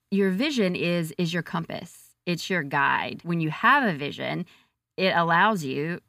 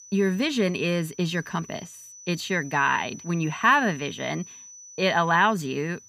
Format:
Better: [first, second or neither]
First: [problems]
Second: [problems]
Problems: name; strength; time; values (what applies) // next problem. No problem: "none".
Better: first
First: none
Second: high-pitched whine; noticeable; throughout; 6 kHz, 20 dB below the speech